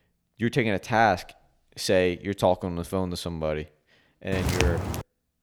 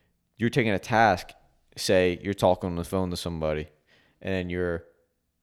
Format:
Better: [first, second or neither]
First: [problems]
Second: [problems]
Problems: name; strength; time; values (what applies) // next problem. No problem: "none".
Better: second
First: footsteps; loud; at 4.5 s; peak 1 dB above the speech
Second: none